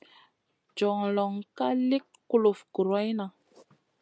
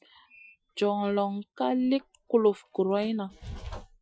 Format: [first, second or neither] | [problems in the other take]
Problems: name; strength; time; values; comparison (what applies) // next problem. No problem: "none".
first | noise reduction (classical method Wiener filter)